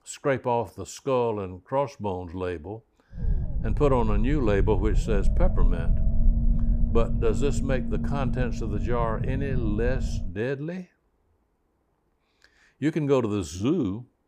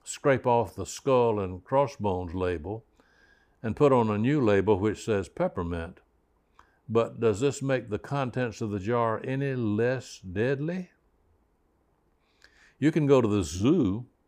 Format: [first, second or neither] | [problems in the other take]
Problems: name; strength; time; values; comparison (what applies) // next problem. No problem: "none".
second | low rumble; noticeable; from 3 to 10 s; 10 dB below the speech